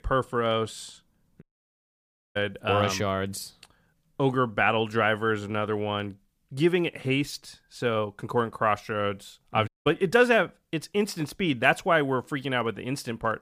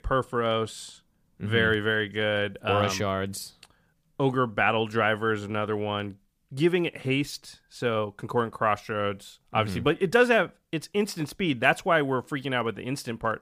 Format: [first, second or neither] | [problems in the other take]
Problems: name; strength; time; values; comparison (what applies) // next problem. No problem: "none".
second | audio cutting out; at 1.5 s for 1 s and at 9.5 s